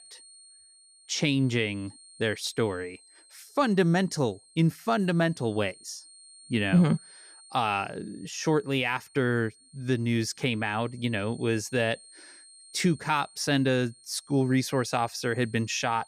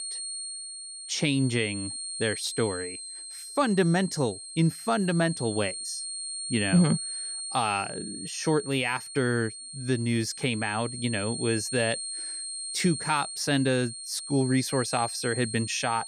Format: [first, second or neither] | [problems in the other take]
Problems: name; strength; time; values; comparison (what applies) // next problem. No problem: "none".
first | high-pitched whine; loud; throughout; 8.5 kHz, 7 dB below the speech; faint in the first